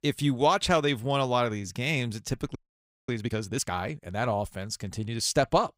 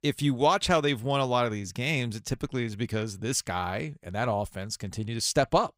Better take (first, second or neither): second